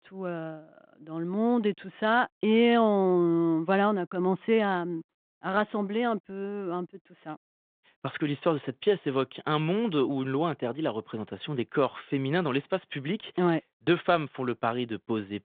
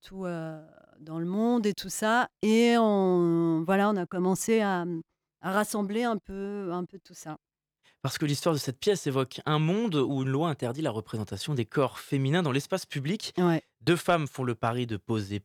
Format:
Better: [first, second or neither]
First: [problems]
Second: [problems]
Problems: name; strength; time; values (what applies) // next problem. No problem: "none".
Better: second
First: phone-call audio; nothing above 3.5 kHz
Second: none